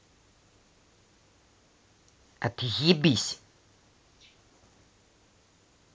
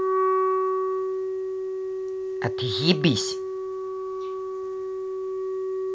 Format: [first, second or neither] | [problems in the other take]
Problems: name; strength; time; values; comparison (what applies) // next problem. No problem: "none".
first | background sound (Wind instrument, woodwind instrument); 4 dB above the speech